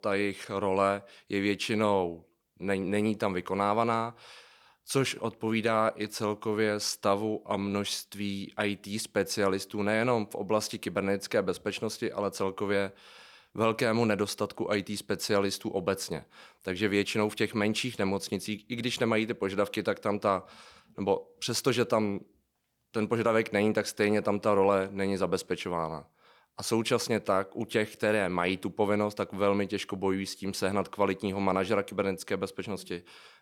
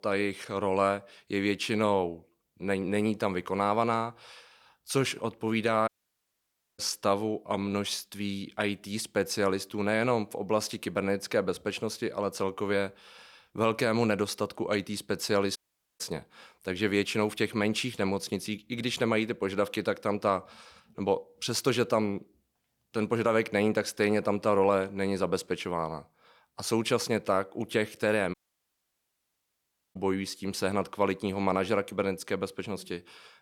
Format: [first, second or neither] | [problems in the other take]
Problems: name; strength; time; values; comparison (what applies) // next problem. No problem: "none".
first | audio cutting out; at 6 s for 1 s, at 16 s and at 28 s for 1.5 s